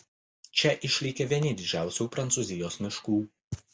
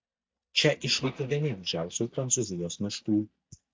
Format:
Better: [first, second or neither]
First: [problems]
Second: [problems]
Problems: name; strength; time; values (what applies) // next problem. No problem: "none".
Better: first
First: none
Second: noise reduction (neural mask model DeepFilterNet 3)